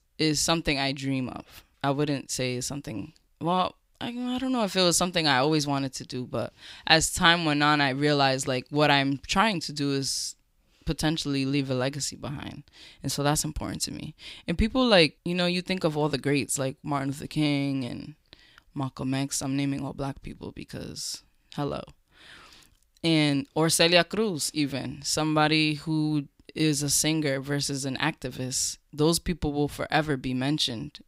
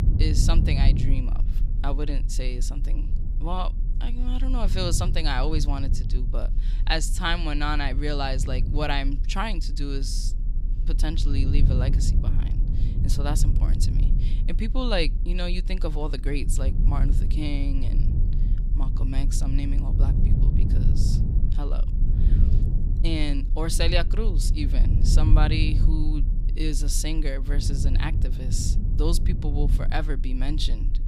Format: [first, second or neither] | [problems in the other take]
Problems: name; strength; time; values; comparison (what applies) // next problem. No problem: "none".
first | low rumble; noticeable; throughout; 10 dB below the speech